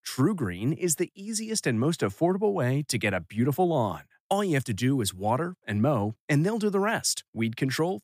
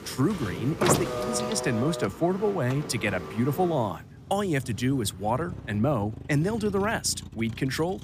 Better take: first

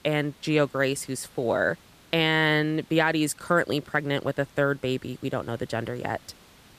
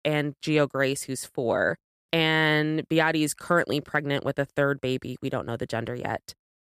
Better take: second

